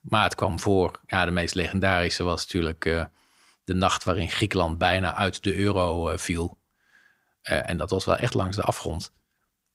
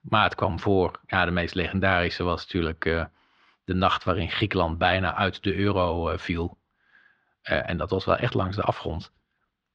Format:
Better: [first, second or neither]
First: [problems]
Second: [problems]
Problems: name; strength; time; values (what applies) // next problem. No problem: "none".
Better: first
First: none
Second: muffled; slightly; fading above 3.5 kHz